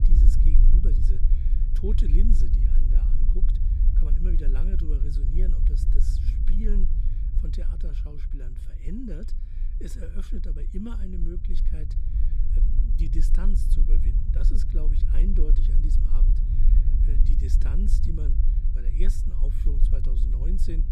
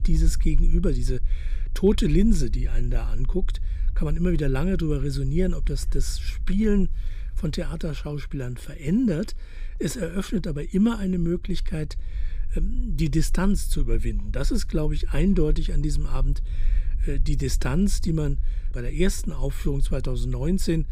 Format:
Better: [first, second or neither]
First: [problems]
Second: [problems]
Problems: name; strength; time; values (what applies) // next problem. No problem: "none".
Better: second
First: low rumble; loud; throughout; 2 dB below the speech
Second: low rumble; faint; throughout; 25 dB below the speech